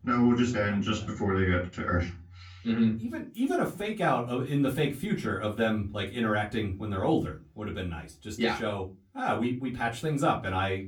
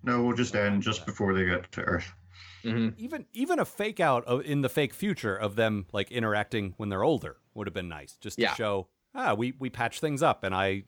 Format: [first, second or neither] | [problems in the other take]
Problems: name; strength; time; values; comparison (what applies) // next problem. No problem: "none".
second | off-mic speech; far // room echo; very slight; dies away in 0.3 s